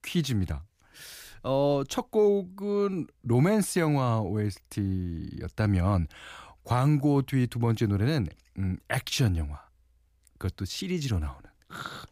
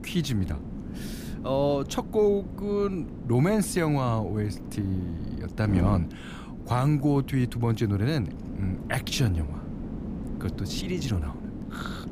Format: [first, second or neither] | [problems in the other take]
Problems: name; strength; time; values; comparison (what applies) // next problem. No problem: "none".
first | wind noise on the microphone; occasional gusts; 15 dB below the speech